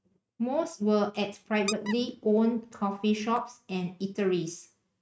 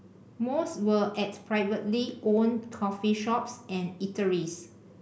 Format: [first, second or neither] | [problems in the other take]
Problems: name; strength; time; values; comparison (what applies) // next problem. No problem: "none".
second | noise reduction (neural mask model RNNoise)